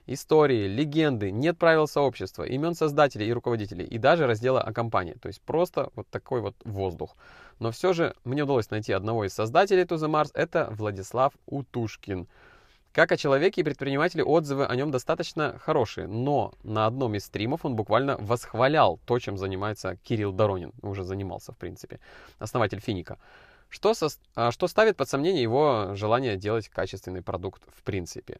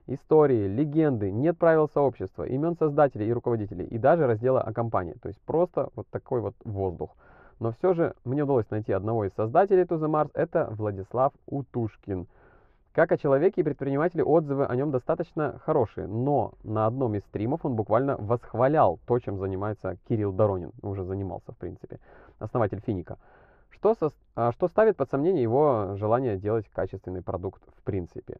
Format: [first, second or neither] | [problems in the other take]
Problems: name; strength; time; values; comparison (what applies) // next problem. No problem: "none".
first | muffled; very; fading above 2.5 kHz